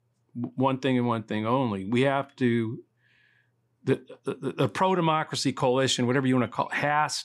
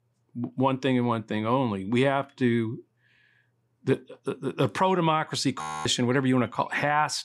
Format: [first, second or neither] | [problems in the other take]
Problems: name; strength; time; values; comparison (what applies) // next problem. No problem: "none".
first | audio freezing; at 5.5 s